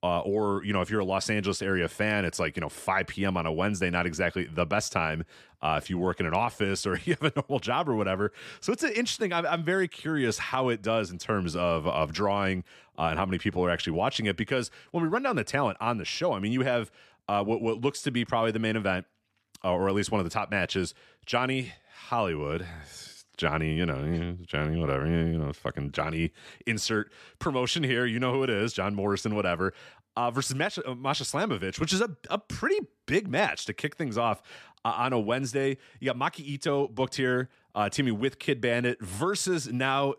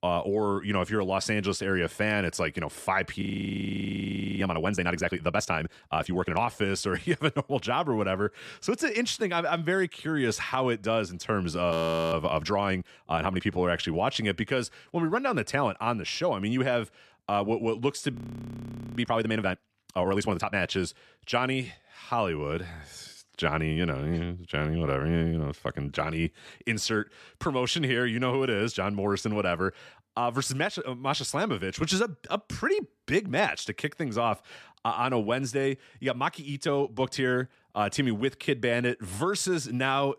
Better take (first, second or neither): first